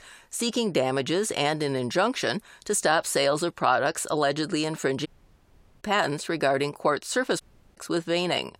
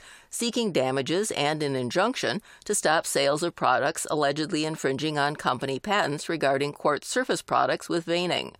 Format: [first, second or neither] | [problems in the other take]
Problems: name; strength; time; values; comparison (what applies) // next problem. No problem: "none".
second | audio cutting out; at 5 s for 1 s and at 7.5 s